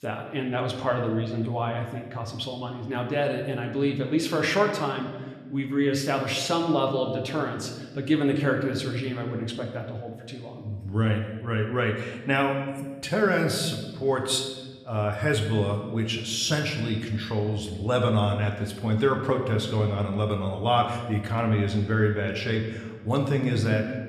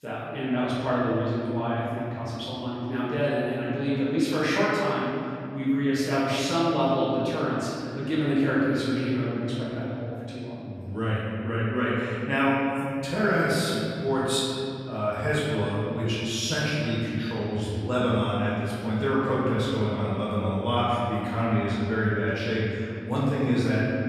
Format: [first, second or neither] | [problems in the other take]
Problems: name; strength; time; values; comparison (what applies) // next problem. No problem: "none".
first | room echo; strong; dies away in 2.5 s; slight in the first // off-mic speech; far